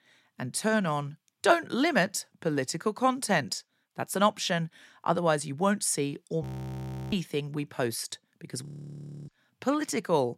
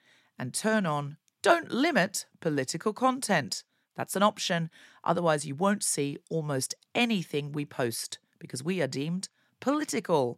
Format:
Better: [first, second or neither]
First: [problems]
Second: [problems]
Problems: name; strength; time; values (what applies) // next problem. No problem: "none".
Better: second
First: audio freezing; at 6.5 s for 0.5 s and at 8.5 s for 0.5 s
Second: none